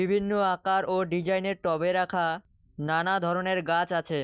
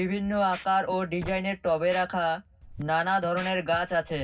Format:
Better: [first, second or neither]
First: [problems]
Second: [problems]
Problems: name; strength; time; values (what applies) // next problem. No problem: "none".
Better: first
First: none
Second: background sound (Scratching (performance technique)); 18 dB below the speech // room echo; dies away in 0.4 s